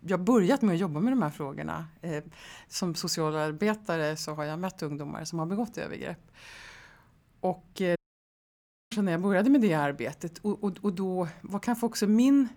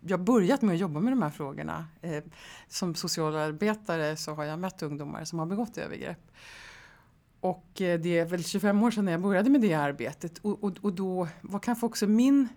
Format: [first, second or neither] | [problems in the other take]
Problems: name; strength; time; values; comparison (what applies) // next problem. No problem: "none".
second | audio cutting out; at 8 s for 1 s